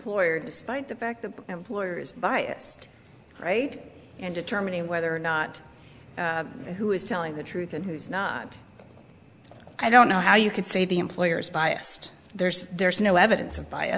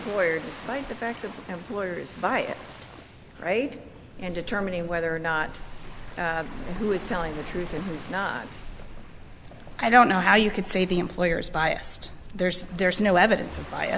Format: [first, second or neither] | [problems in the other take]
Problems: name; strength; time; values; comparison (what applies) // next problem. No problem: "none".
first | background sound (Waves, surf); 12 dB below the speech